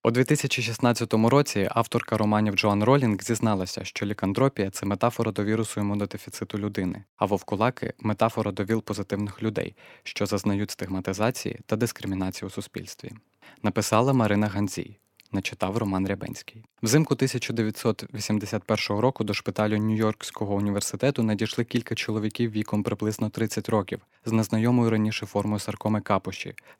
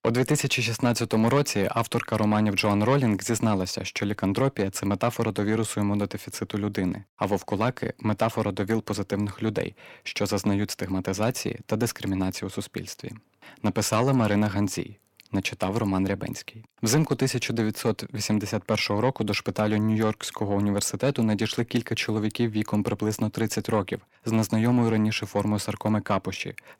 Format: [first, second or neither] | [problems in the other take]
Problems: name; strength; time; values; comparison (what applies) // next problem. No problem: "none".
first | distortion; slight; 10 dB below the speech